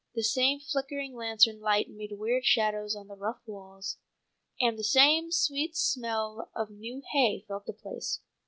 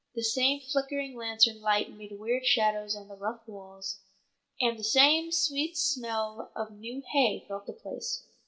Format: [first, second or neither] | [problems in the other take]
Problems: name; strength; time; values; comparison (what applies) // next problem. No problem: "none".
first | room echo; dies away in 0.3 s